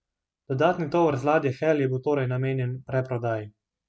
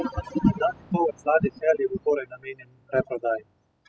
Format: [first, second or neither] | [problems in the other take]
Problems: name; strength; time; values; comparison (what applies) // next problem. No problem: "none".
first | noise reduction (classical method spectral subtraction)